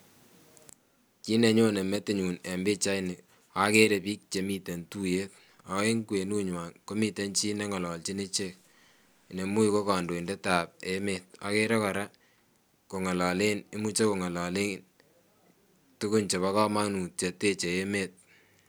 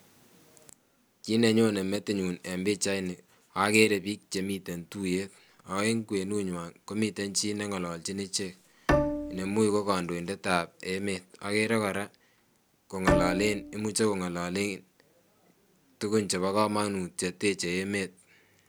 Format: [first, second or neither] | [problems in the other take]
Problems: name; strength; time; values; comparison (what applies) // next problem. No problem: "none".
first | background sound (Bowed string instrument); 1 dB below the speech